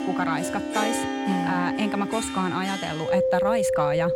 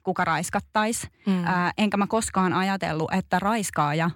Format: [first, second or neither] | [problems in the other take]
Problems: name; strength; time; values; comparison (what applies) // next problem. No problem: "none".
second | background music; very loud; throughout; 1 dB above the speech